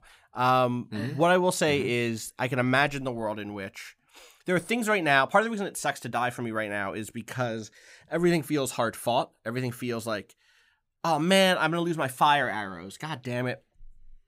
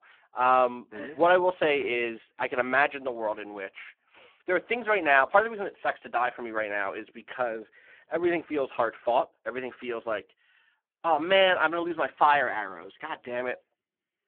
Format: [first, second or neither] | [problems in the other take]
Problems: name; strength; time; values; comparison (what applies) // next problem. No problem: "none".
first | phone-call audio; poor line